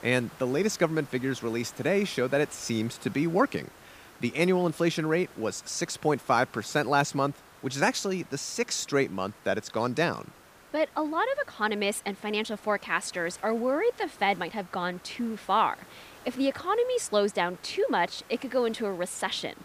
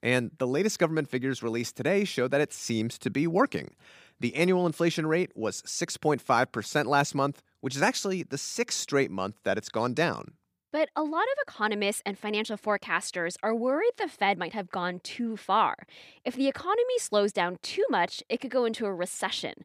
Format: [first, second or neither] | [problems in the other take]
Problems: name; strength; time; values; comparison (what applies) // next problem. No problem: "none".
second | hiss; faint; throughout; 20 dB below the speech